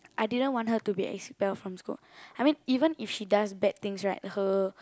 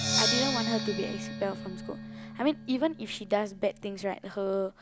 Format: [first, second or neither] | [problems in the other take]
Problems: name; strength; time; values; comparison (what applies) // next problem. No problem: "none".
first | background sound (Percussion); 3 dB below the speech